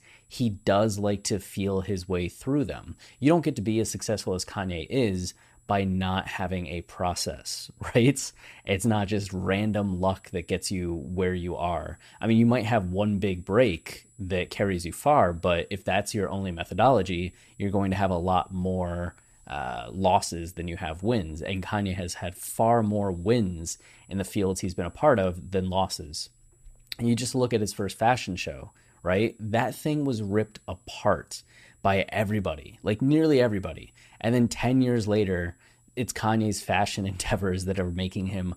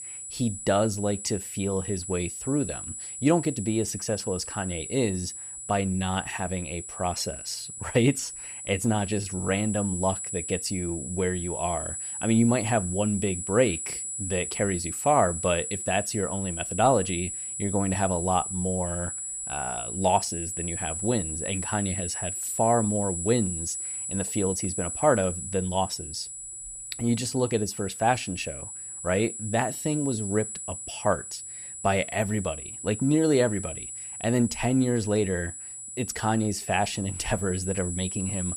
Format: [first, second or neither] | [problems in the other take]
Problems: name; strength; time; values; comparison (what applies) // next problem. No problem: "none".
first | high-pitched whine; loud; throughout; 8 kHz, 5 dB below the speech; faint in the first